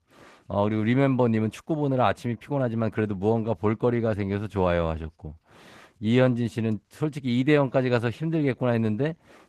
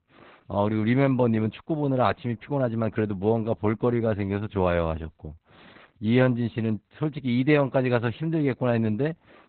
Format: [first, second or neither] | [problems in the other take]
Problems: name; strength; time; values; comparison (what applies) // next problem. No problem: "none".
first | garbled, watery; badly; nothing above 4 kHz; slightly in the first